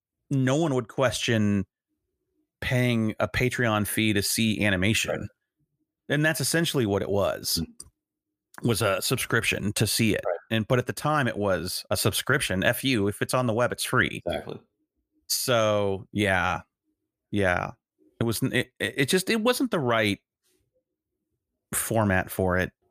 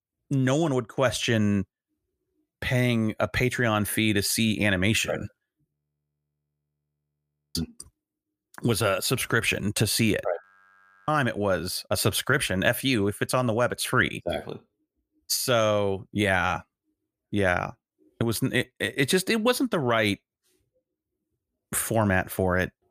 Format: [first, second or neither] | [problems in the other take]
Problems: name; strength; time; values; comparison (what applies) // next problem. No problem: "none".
first | audio freezing; at 5.5 s for 2 s and at 10 s for 0.5 s